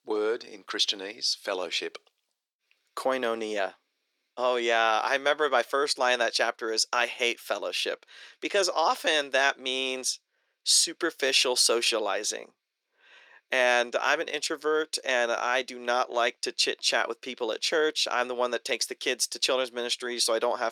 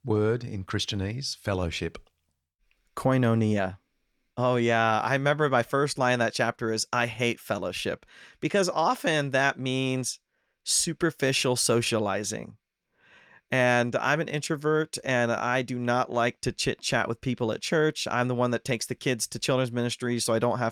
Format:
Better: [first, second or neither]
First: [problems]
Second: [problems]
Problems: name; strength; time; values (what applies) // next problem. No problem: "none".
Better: second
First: thin; very; fading below 350 Hz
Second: none